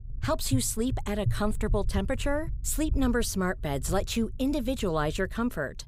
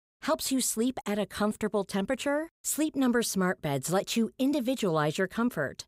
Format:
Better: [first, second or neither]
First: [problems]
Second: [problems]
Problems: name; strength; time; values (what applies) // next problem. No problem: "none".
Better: second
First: low rumble; faint; throughout; 20 dB below the speech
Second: none